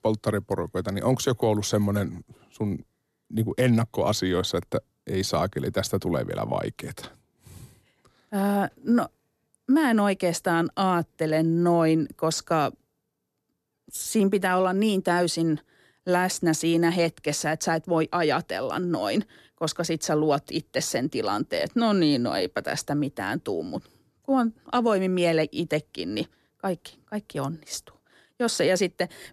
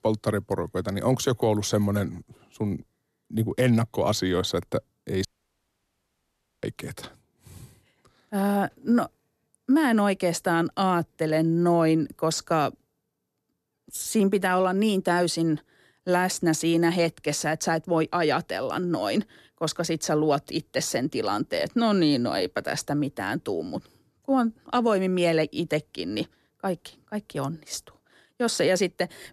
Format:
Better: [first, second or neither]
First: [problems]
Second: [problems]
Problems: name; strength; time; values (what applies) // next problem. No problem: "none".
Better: first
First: none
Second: audio cutting out; at 5.5 s for 1.5 s